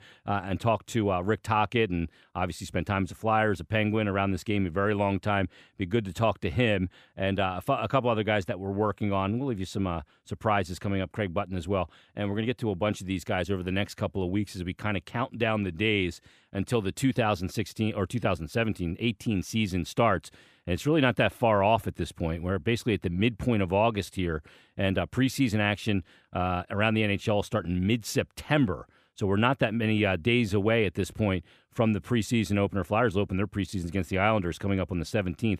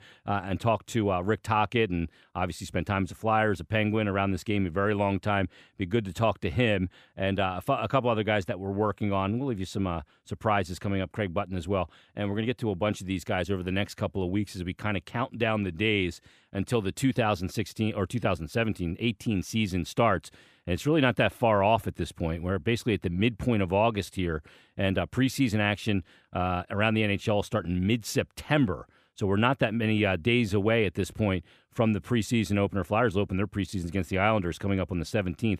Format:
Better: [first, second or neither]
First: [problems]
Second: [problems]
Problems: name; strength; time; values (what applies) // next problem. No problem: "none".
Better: neither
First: none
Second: none